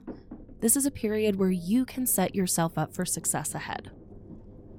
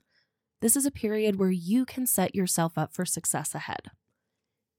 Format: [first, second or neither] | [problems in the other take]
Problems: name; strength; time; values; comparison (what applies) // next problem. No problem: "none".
second | low rumble; faint; throughout; 25 dB below the speech